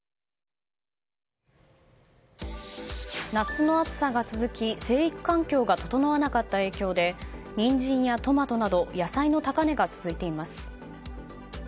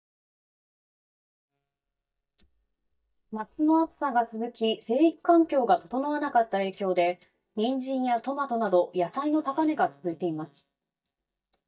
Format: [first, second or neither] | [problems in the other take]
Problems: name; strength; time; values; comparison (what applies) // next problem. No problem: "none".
first | noise reduction (neural mask model DeepFilterNet 3)